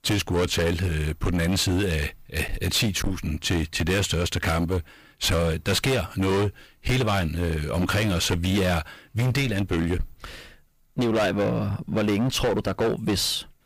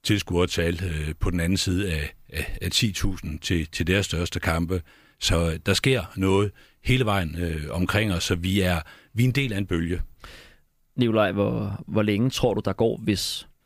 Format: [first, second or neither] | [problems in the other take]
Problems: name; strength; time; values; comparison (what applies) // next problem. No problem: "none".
second | distortion; heavy; 20% of the sound clipped